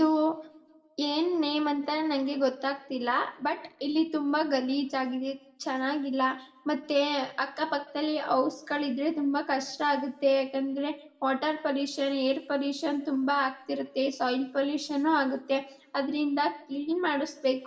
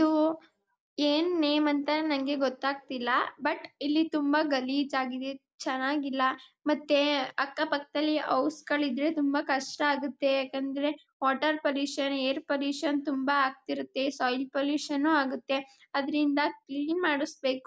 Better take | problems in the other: second | room echo; dies away in 1.4 s

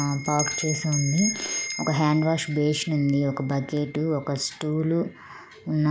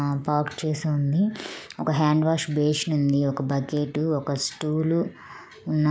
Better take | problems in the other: second | background sound (Bell); 10 dB below the speech

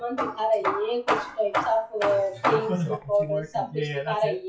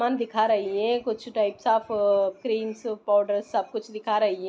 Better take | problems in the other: second | noise reduction (classical method WPE with log-MMSE)

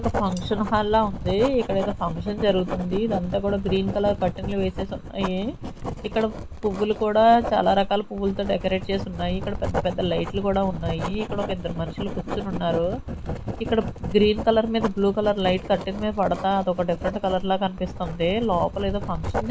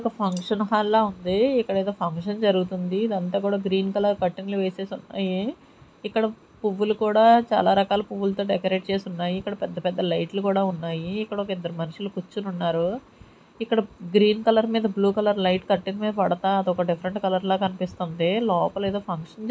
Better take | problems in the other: second | background sound (Writing); 7 dB below the speech

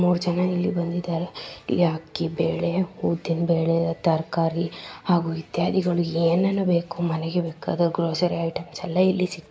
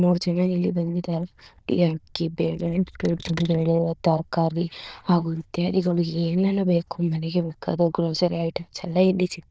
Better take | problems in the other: first | noise reduction (neural diffusion model UNIVERSE++)

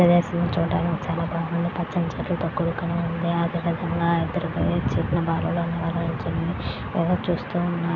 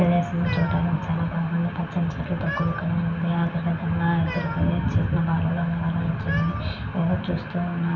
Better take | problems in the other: first | background sound (Cat); 16 dB below the speech // room echo; dies away in 0.6 s

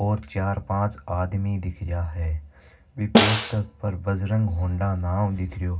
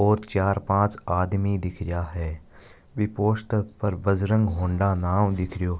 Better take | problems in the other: second | background sound (Snare drum); 2 dB above the speech // room echo; dies away in 0.4 s

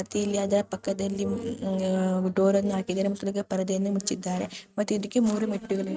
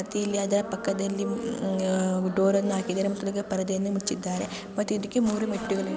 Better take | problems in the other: second | noise reduction (neural mask model RNNoise)

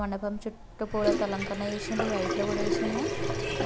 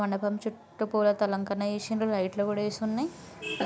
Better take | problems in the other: second | background sound (Sink (filling or washing) / Water tap, faucet); as loud as the speech

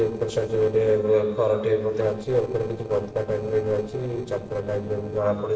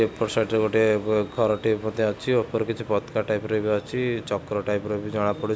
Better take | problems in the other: second | noise reduction (neural separator model SepFormer DNS4)

